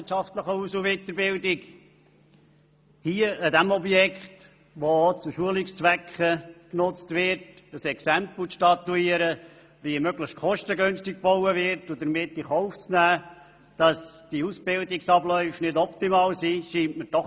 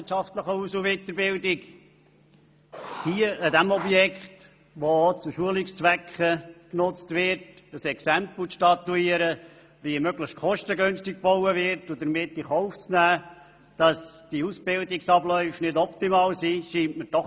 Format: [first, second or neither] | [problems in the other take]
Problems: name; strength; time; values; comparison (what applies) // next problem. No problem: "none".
first | background sound (Writing); 14 dB below the speech